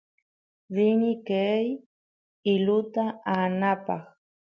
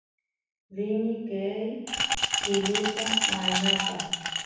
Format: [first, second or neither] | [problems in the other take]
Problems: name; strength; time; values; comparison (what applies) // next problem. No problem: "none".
first | background sound (Glass); 3 dB above the speech // room echo; dies away in 1.1 s